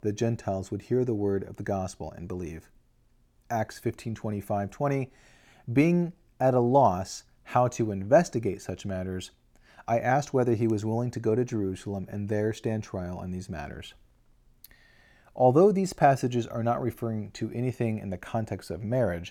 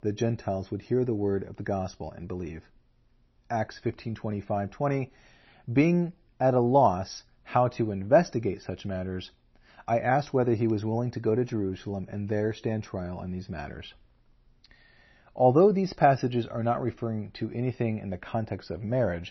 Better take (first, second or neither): first